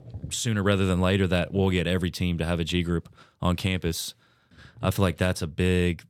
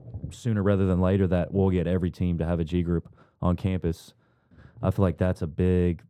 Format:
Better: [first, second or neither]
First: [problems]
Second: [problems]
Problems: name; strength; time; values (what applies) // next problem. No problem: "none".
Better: first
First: none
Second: muffled; very; fading above 1.5 kHz